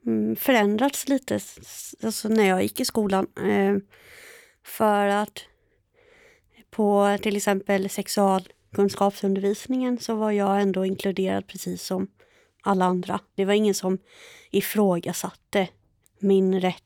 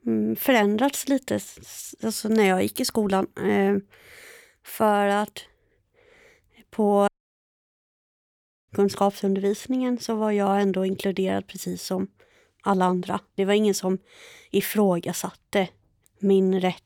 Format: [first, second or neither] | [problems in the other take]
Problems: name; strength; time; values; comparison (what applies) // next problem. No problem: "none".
first | audio cutting out; at 7 s for 1.5 s